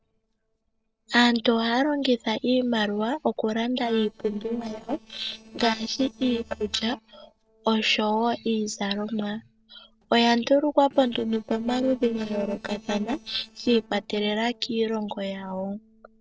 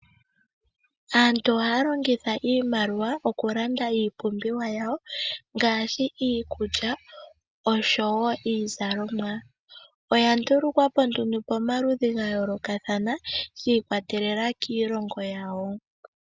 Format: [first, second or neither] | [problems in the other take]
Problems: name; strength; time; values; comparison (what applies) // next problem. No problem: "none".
second | noise reduction (neural separator model SepFormer DNS4)